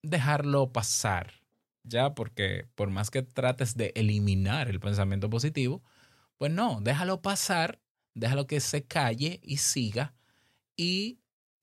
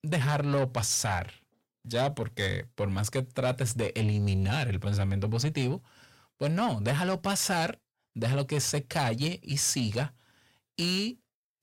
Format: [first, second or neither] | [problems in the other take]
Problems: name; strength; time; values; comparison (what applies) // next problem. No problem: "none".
first | distortion; slight; 10 dB below the speech